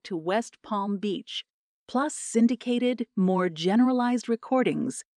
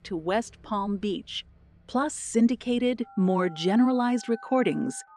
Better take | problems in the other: first | alarms or sirens; faint; throughout; 25 dB below the speech

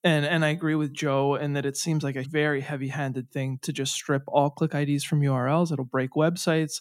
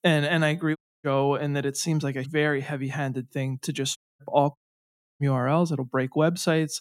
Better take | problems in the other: first | audio cutting out; at 1 s, at 4 s and at 4.5 s for 0.5 s

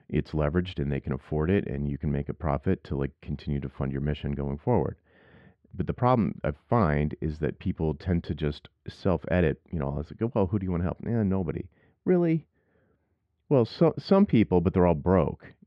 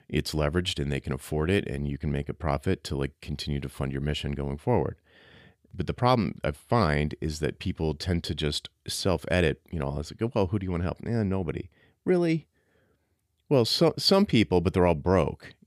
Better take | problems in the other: second | muffled; very; fading above 1.5 kHz

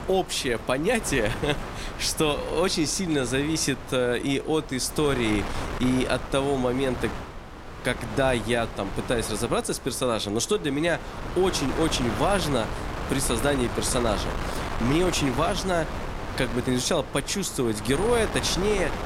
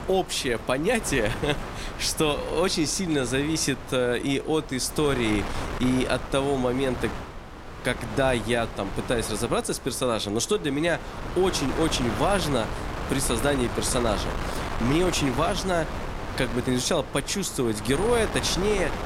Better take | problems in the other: neither | wind noise on the microphone; heavy; 8 dB below the speech; the same in both

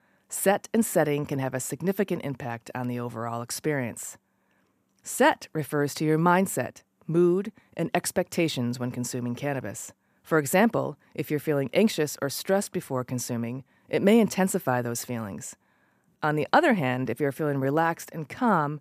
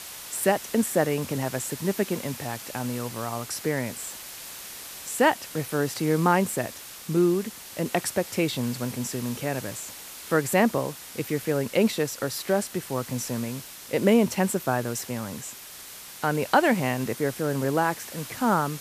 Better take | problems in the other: first | hiss; noticeable; throughout; 10 dB below the speech

